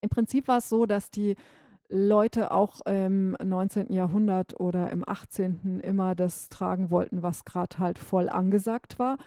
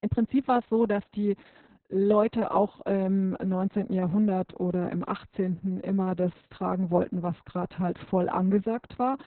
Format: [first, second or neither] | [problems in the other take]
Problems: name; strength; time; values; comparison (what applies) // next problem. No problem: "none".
first | garbled, watery; badly; nothing above 4 kHz; slightly in the first